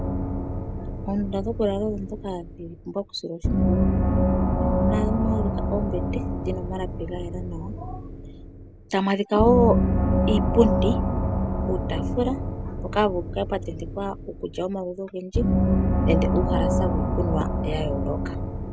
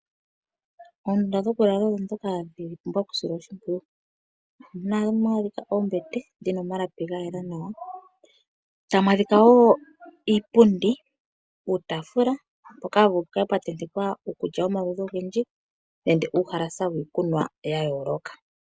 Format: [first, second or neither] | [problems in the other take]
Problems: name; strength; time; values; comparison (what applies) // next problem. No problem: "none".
second | background sound (Gong); 3 dB above the speech